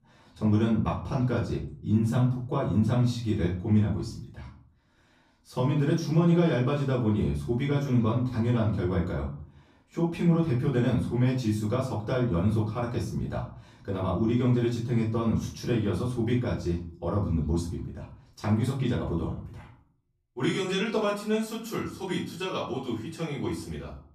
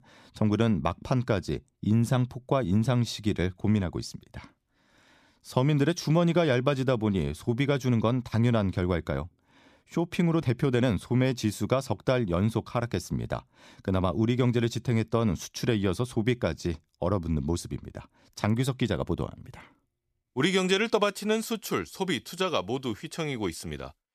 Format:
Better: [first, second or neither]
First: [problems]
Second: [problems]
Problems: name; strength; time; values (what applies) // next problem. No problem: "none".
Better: second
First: off-mic speech; far // room echo; slight; dies away in 0.5 s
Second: none